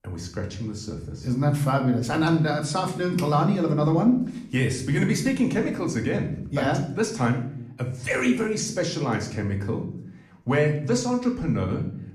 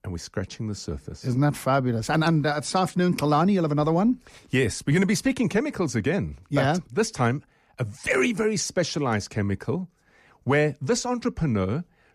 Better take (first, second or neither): second